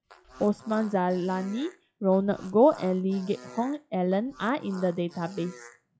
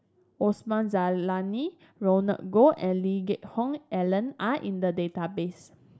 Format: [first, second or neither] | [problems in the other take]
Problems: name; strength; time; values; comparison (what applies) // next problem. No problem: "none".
second | noise reduction (classical method log-MMSE)